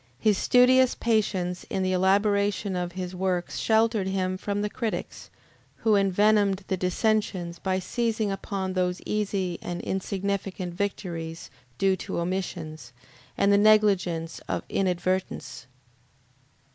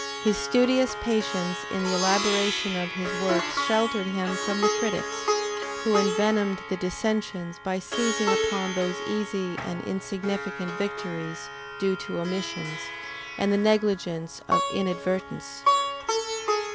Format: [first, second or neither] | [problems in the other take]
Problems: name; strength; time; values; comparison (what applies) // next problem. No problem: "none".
first | background sound (Plucked string instrument); 2 dB below the speech